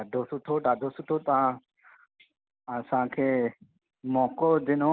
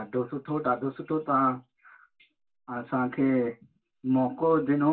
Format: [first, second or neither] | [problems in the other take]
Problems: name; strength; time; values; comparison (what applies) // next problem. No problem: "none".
first | room echo; dies away in 0.1 s